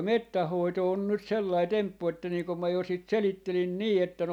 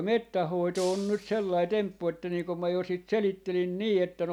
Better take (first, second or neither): first